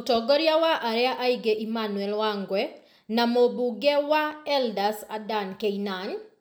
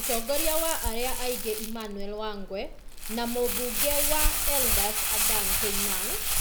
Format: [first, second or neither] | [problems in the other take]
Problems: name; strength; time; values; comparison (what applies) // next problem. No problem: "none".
first | background sound (Crumpling, crinkling); 5 dB above the speech